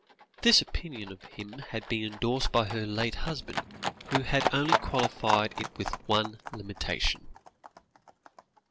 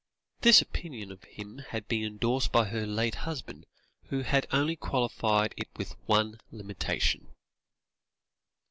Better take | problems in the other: second | background sound (Livestock, farm animals, working animals); 5 dB below the speech

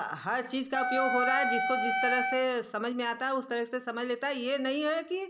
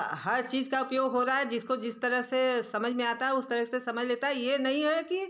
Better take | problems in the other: second | background sound (Wind instrument, woodwind instrument); 1 dB above the speech

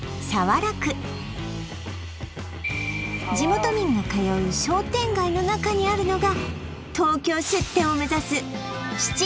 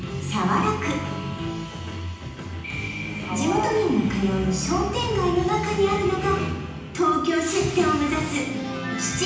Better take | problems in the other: first | background sound (Acoustic guitar); 19 dB below the speech // room echo; dies away in 0.9 s

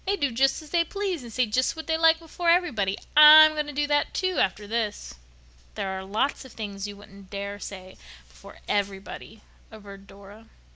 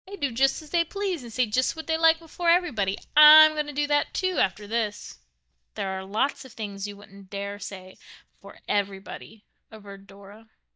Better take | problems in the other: first | noise reduction (neural mask model DeepFilterNet 3)

